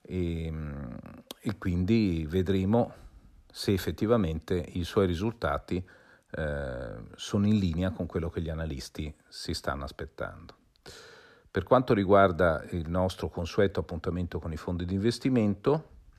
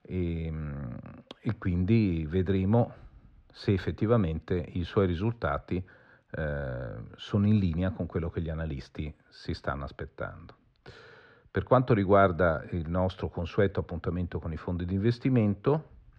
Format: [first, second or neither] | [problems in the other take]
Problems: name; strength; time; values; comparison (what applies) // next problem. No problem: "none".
first | muffled; slightly; fading above 2.5 kHz